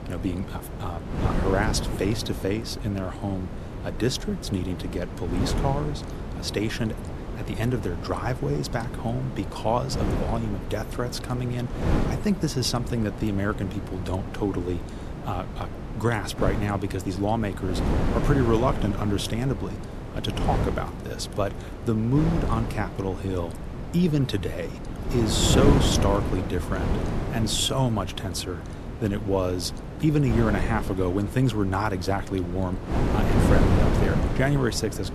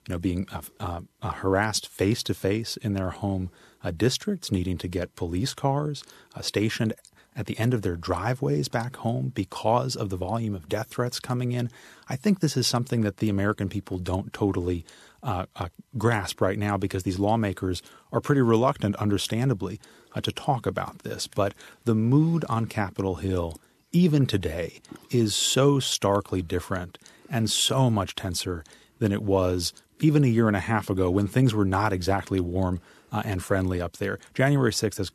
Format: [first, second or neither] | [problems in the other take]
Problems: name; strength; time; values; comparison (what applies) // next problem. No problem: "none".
second | wind noise on the microphone; heavy; 5 dB below the speech